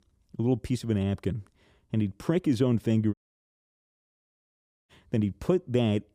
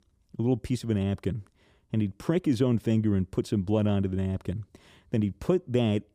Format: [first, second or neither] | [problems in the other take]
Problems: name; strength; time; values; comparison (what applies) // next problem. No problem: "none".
second | audio cutting out; at 3 s for 1.5 s